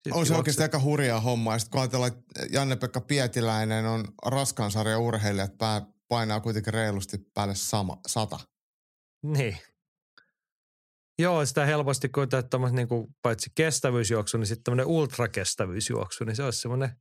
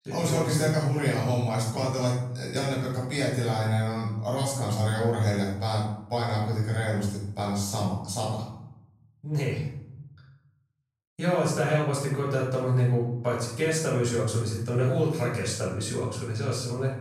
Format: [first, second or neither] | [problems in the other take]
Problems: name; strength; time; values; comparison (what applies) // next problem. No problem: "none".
first | off-mic speech; far // room echo; noticeable; dies away in 0.7 s